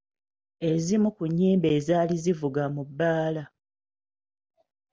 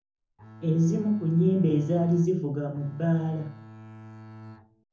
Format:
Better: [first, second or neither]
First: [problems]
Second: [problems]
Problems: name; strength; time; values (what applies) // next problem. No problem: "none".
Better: first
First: none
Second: background sound (Bowed string instrument); 19 dB below the speech // room echo; dies away in 0.6 s